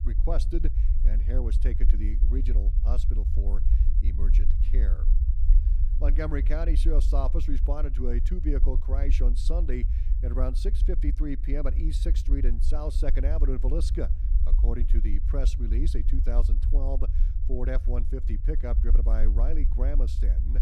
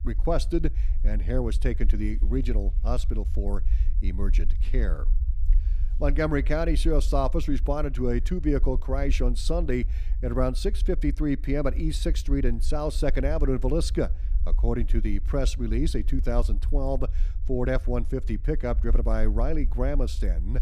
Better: second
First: low rumble; loud; throughout; 10 dB below the speech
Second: low rumble; faint; throughout; 20 dB below the speech

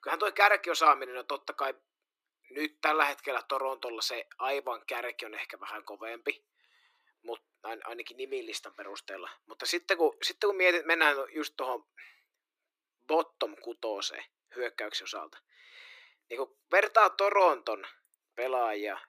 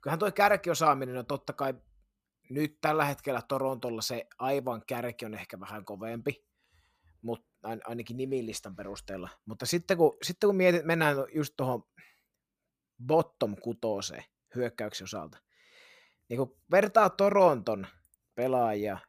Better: second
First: thin; very; fading below 300 Hz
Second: none

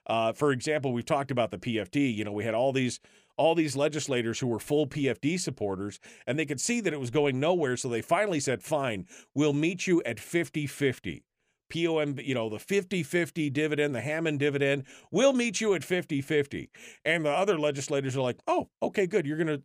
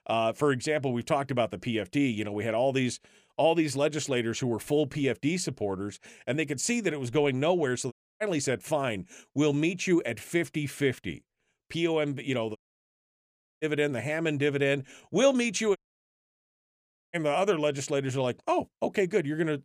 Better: first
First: none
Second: audio cutting out; at 8 s, at 13 s for 1 s and at 16 s for 1.5 s

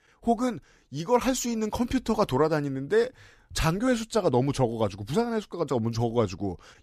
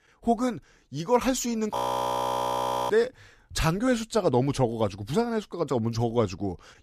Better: first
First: none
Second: audio freezing; at 2 s for 1 s

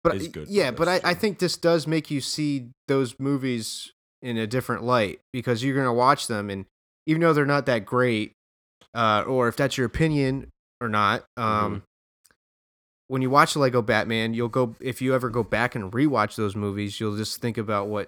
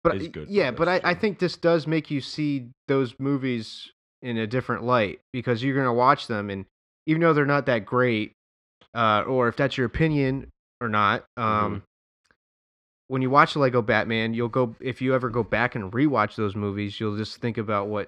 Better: first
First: none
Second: muffled; very slightly; fading above 3 kHz

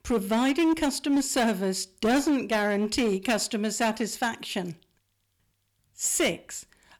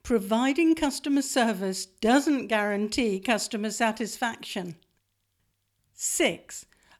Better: second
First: distortion; slight; 9% of the sound clipped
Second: none

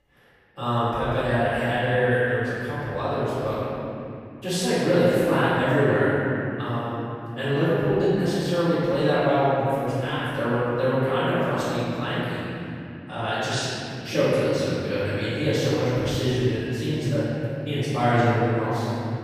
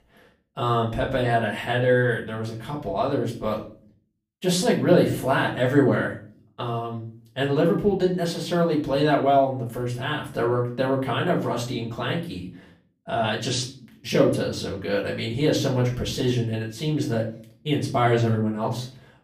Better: second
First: room echo; strong; dies away in 2.9 s // off-mic speech; far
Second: room echo; slight; dies away in 0.4 s // off-mic speech; far

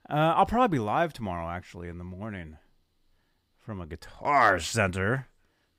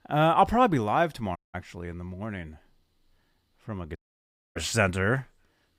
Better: first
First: none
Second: audio cutting out; at 1.5 s and at 4 s for 0.5 s

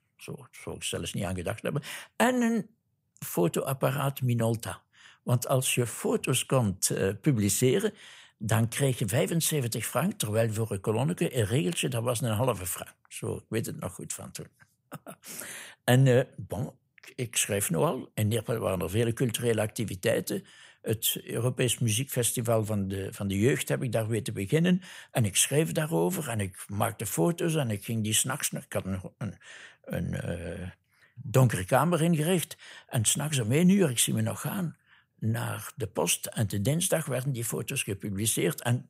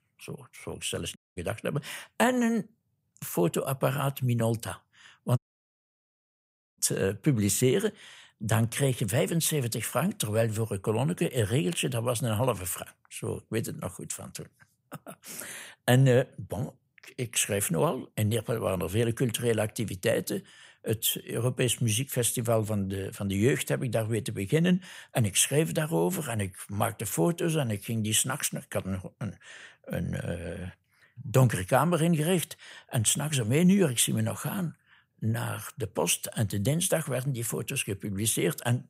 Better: first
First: none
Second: audio cutting out; at 1 s and at 5.5 s for 1.5 s

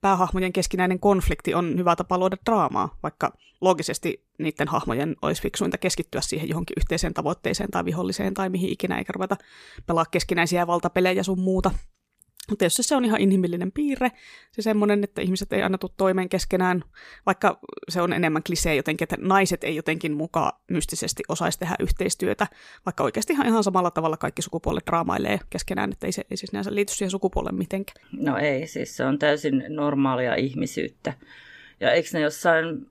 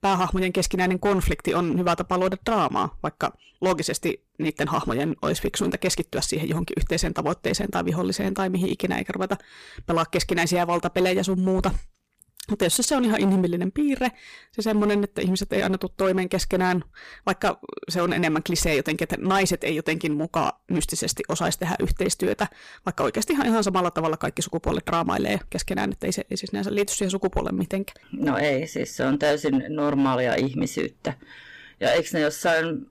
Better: first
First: none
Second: distortion; slight; 7% of the sound clipped

